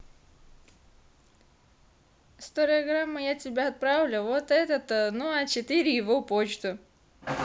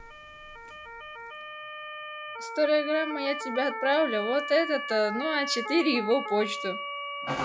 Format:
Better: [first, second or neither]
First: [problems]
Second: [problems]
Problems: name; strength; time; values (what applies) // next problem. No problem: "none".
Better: first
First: none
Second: noise reduction (classical method log-MMSE)